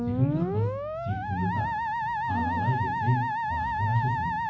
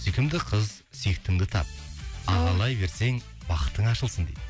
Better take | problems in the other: second | background sound (Musical instrument); as loud as the speech // room echo; dies away in 0.9 s

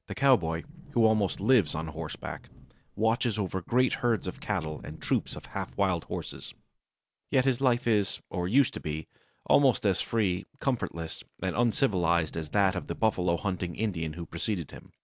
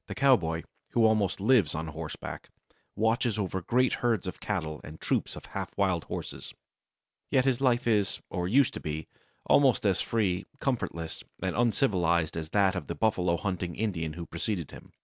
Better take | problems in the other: second | background sound (Sliding door); 20 dB below the speech

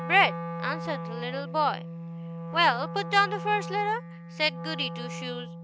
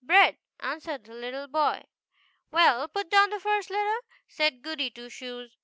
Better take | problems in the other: second | background sound (Wind instrument, woodwind instrument); 8 dB below the speech

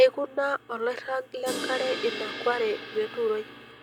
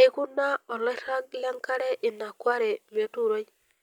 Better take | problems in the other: second | background sound (Crash cymbal); 10 dB below the speech

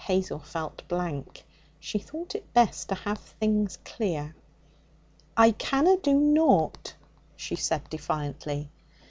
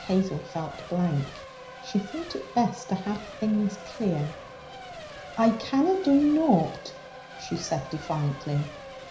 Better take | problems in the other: first | background sound (Race car, auto racing / Accelerating, revving, vroom / Mechanisms); 14 dB below the speech // room echo; dies away in 0.5 s

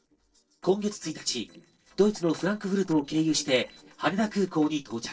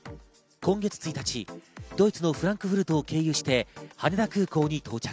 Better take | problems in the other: second | noise reduction (neural separator model SepFormer DNS4)

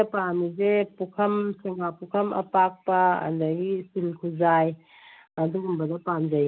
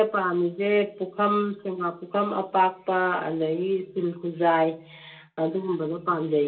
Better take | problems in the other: first | room echo; dies away in 0.2 s

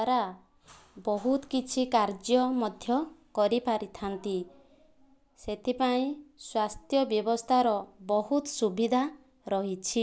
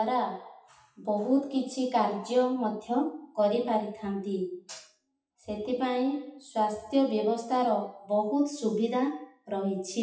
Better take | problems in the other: first | noise reduction (classical method WPE with log-MMSE)

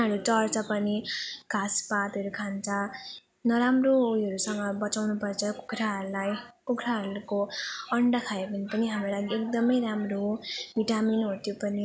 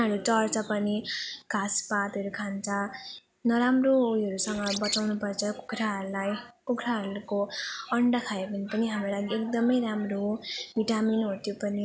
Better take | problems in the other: first | background sound (Bird); 8 dB below the speech

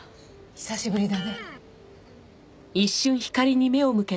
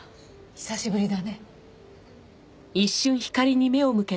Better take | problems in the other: second | background sound (Electric guitar); 19 dB below the speech

